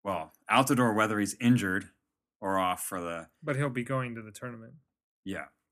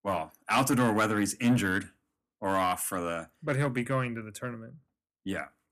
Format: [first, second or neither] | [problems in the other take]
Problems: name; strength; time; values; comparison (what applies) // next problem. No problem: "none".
first | distortion; slight; 10 dB below the speech